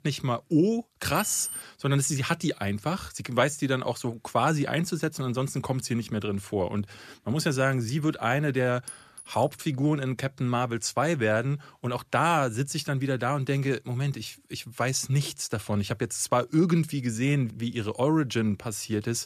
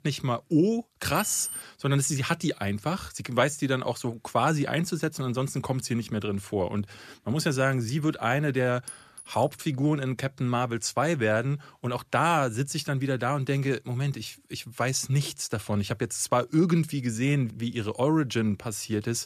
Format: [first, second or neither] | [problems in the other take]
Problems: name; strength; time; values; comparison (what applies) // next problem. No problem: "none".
neither | jangling keys; noticeable; at 1 s; peak 5 dB below the speech; the same in both // clattering dishes; faint; at 9 s; peak 15 dB below the speech; the same in both